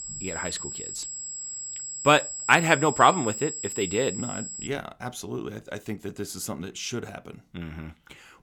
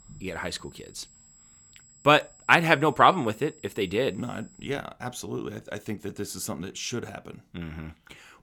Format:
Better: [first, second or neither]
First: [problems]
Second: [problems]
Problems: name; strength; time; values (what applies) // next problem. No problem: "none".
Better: second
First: high-pitched whine; loud; until 4.5 s; 7.5 kHz, 7 dB below the speech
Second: high-pitched whine; faint; until 4.5 s; 7.5 kHz, 25 dB below the speech